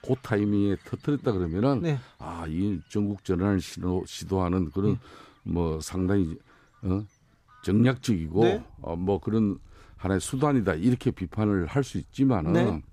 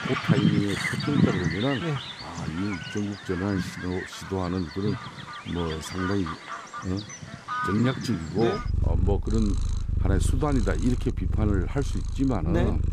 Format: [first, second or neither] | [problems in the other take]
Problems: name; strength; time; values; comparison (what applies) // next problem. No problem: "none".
first | animal sounds; loud; throughout; 1 dB below the speech; faint in the first